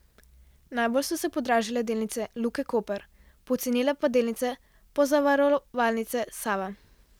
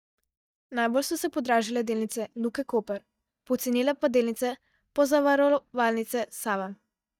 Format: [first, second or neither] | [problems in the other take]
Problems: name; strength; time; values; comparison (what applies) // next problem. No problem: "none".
first | noise reduction (neural mask model DeepFilterNet 3)